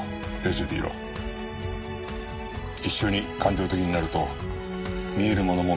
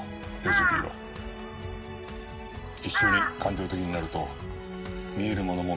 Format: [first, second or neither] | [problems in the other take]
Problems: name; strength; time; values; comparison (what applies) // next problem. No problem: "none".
first | background sound (Crow); 2 dB above the speech